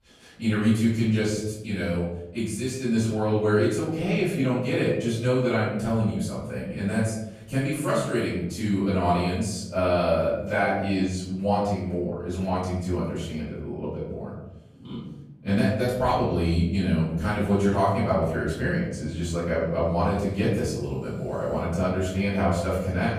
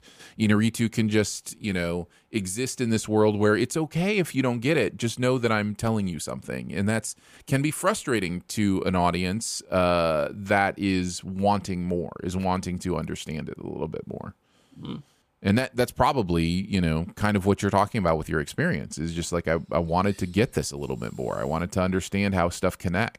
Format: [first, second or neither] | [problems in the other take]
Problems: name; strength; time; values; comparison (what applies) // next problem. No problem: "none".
second | off-mic speech; far // room echo; noticeable; dies away in 1.1 s